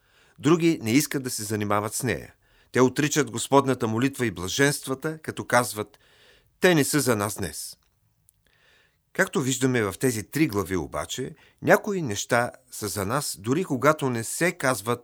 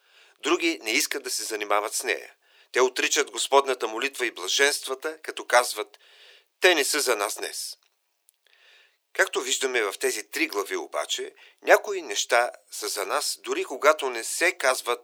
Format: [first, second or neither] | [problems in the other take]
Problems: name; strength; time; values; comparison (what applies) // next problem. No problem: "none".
first | thin; very; fading below 350 Hz